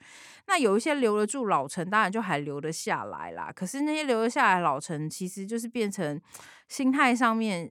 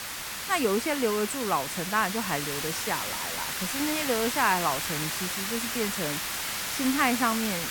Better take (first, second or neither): first